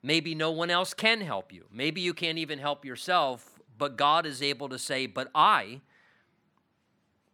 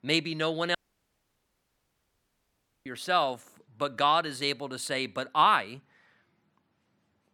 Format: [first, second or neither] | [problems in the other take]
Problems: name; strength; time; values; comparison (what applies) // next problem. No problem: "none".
first | audio cutting out; at 1 s for 2 s